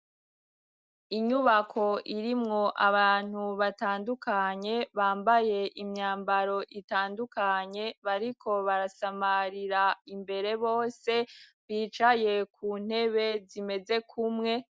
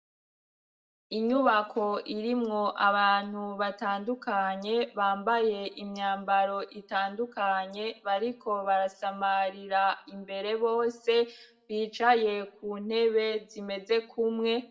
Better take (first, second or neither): first